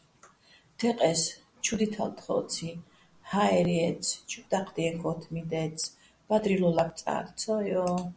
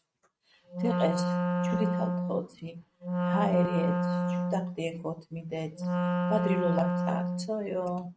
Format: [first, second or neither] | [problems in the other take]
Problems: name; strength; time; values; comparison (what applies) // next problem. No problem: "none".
first | noise reduction (neural mask model RNNoise)